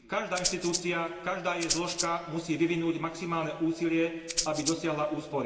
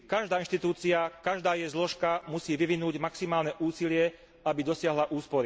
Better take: second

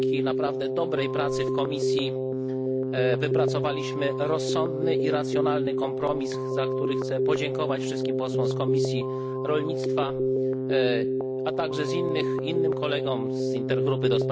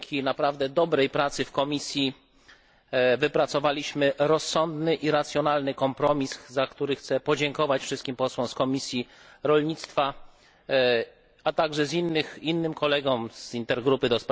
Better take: second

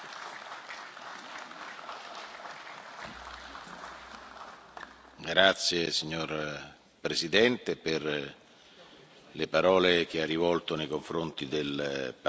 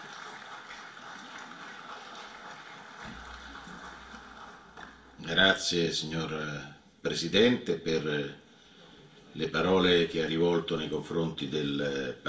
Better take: first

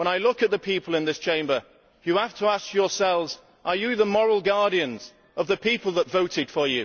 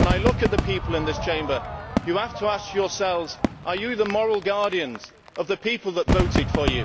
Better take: first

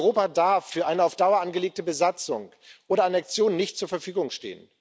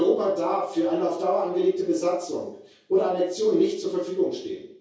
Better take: first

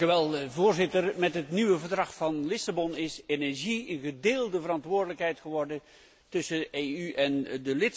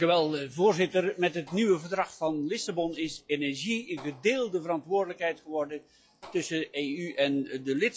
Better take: first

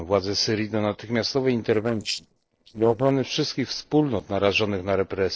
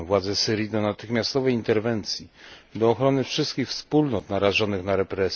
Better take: second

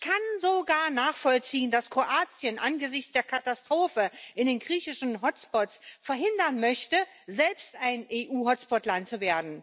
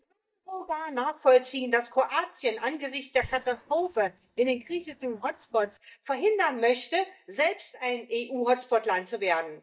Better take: first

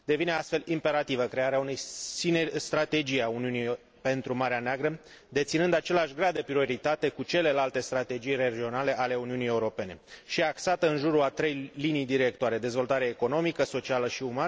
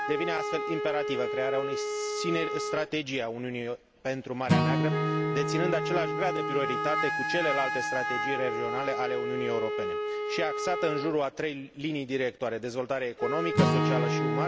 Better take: first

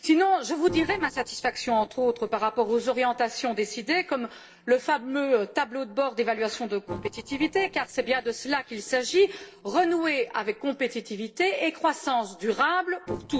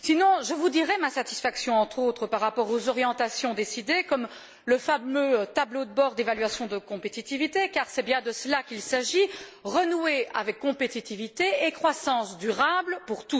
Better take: second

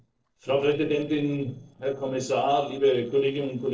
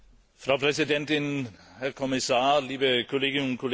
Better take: second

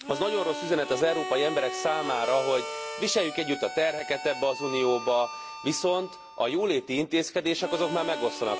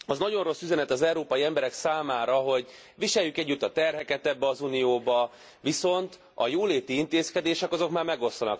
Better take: second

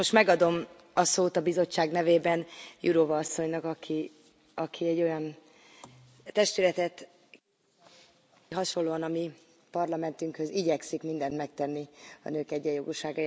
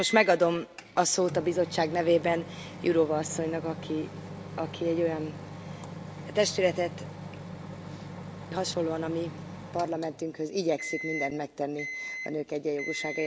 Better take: first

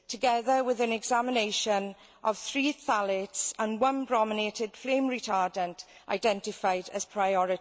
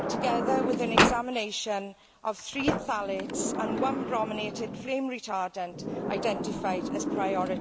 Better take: first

